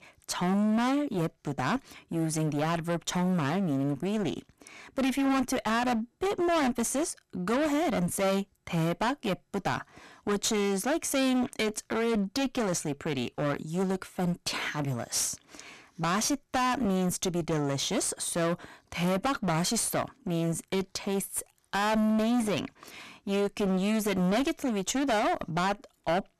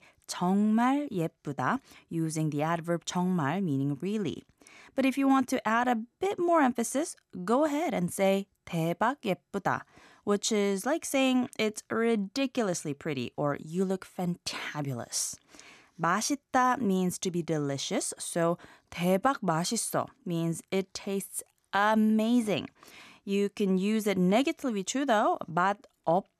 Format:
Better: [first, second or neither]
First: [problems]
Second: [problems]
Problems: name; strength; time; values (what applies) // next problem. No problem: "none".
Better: second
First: distortion; heavy; 20% of the sound clipped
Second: none